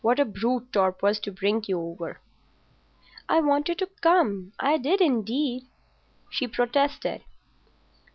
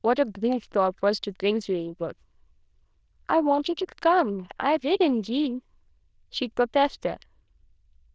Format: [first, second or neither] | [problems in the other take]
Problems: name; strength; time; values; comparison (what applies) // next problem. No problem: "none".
first | noise reduction (neural diffusion model UNIVERSE++)